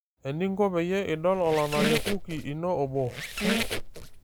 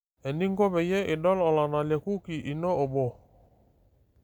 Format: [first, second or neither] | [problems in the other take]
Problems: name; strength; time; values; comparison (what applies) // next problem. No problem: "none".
second | background sound (Squeak); 3 dB below the speech